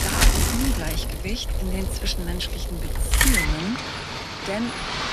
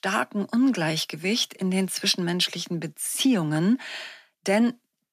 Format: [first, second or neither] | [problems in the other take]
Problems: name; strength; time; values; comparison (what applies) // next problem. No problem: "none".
second | traffic noise; very loud; throughout; 5 dB above the speech